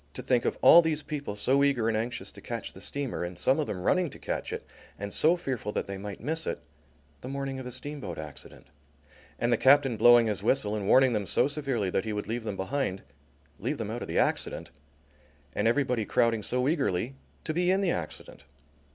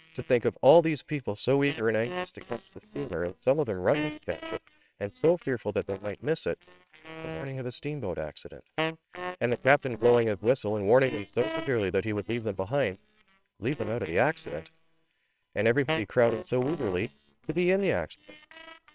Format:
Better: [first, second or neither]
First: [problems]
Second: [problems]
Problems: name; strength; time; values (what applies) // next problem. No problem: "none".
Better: first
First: none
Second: noise reduction (neural separator model SepFormer WHAMR!)